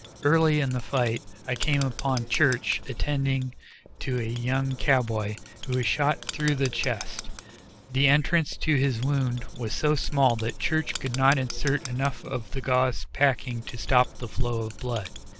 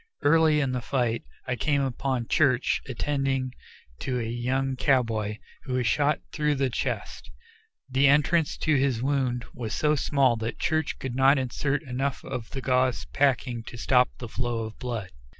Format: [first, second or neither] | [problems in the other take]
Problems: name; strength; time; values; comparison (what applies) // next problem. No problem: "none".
second | background sound (Writing); 17 dB below the speech